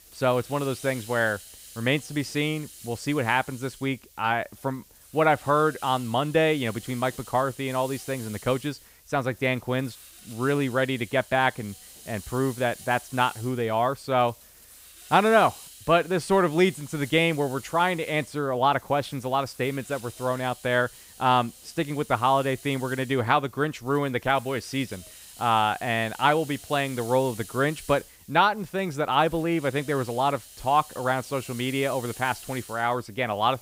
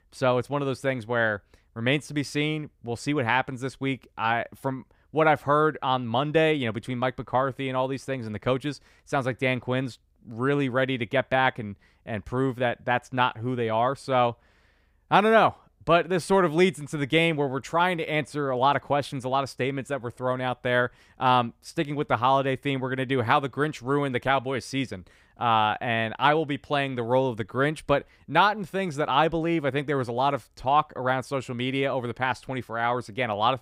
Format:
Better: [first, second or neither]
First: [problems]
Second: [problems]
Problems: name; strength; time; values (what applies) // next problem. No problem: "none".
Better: second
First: hiss; noticeable; throughout; 20 dB below the speech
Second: none